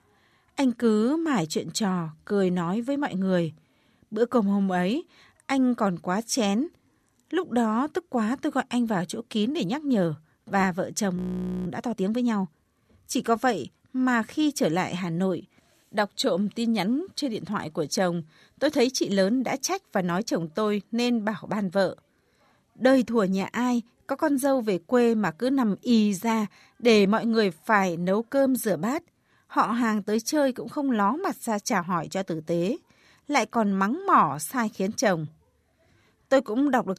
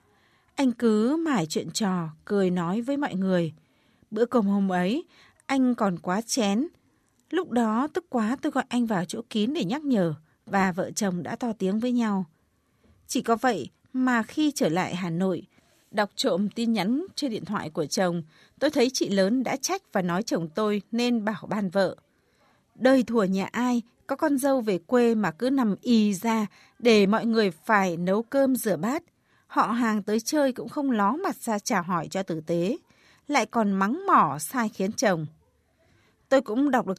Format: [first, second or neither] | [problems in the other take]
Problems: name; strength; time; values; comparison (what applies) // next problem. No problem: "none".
second | audio freezing; at 11 s